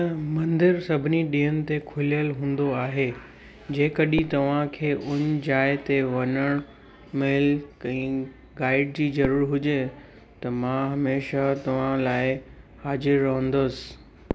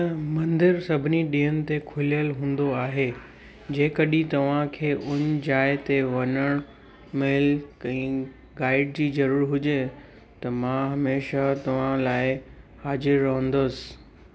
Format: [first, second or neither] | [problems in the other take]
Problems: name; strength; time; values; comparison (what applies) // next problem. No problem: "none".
second | background sound (Fireworks); 19 dB below the speech